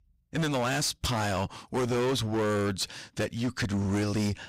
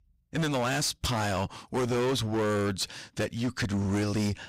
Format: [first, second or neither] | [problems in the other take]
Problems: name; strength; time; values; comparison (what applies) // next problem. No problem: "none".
neither | distortion; heavy; 21% of the sound clipped; the same in both